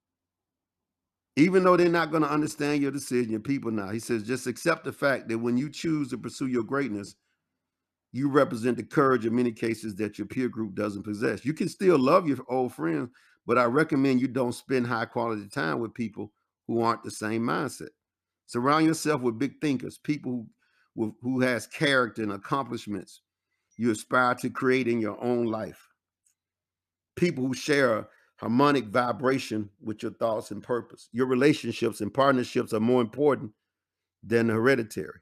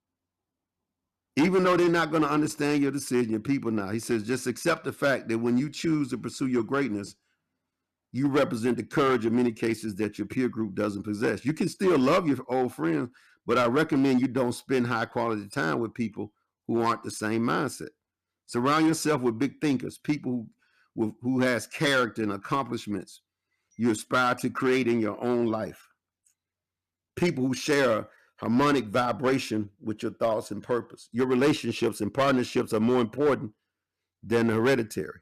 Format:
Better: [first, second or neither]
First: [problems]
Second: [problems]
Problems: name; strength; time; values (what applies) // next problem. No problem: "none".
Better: first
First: none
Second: distortion; slight; 5% of the sound clipped